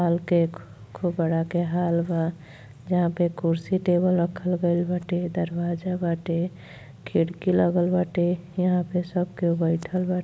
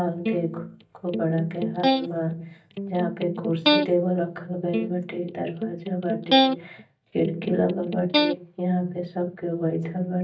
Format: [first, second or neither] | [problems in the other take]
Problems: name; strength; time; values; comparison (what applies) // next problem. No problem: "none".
first | noise reduction (neural mask model DeepFilterNet 3)